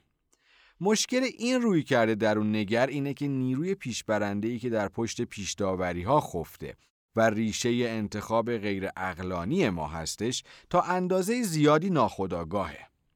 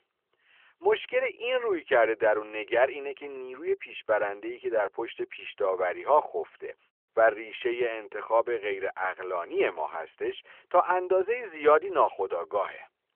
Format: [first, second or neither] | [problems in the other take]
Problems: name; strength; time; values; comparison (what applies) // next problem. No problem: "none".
first | phone-call audio; nothing above 3 kHz